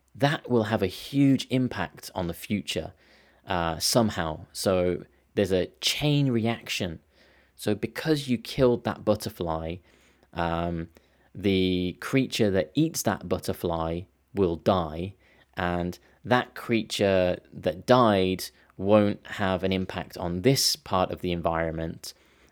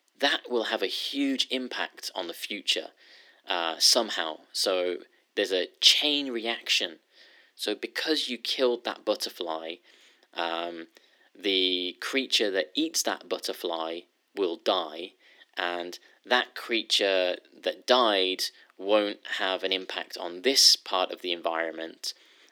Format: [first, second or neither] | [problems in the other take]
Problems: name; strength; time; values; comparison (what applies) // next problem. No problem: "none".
first | thin; somewhat; fading below 300 Hz